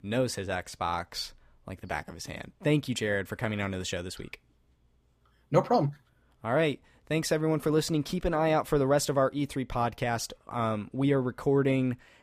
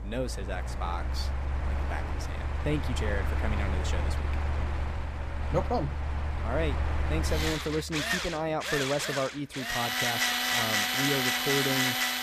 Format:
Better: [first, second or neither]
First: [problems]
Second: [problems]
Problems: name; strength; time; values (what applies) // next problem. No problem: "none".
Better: first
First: none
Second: machinery noise; very loud; throughout; 4 dB above the speech